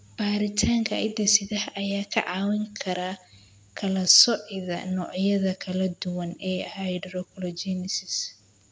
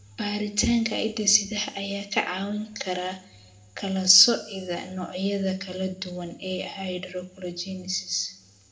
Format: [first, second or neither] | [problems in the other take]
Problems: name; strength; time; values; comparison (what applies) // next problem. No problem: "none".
first | room echo; dies away in 0.7 s